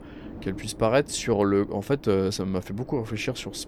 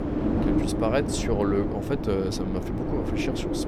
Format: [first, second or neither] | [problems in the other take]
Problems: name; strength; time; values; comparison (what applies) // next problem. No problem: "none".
first | wind noise on the microphone; heavy; 2 dB below the speech; occasional gusts in the first